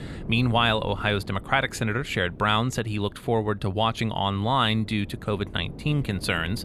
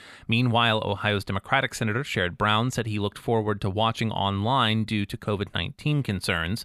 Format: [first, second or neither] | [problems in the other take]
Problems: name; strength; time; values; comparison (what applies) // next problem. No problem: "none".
second | wind noise on the microphone; occasional gusts; 25 dB below the speech